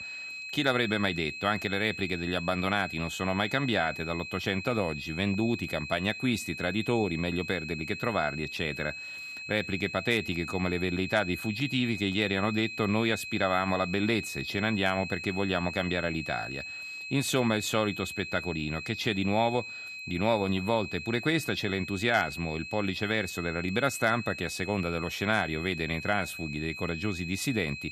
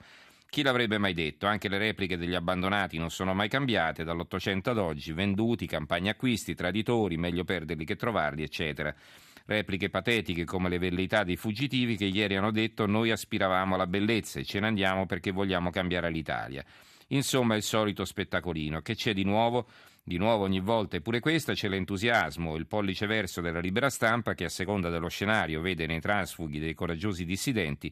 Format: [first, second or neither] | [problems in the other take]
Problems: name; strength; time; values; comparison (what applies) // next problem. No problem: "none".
second | high-pitched whine; loud; throughout; 2.5 kHz, 8 dB below the speech